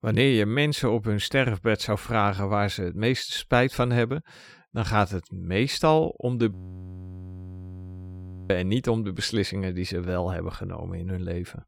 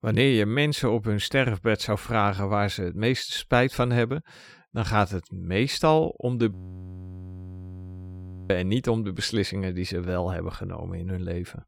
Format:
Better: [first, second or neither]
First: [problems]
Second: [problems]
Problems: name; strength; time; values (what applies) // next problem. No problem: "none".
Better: neither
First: audio freezing; at 6.5 s for 2 s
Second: audio freezing; at 6.5 s for 2 s